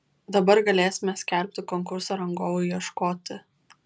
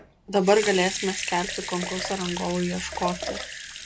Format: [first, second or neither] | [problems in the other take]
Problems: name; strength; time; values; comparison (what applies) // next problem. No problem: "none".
first | background sound (Sink (filling or washing) / Water tap, faucet / Liquid); 8 dB below the speech